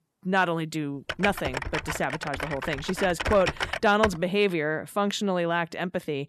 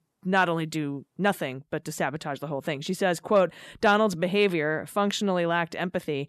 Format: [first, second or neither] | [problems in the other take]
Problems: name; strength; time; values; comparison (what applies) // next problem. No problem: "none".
second | keyboard typing; noticeable; from 1 to 4 s; peak 2 dB below the speech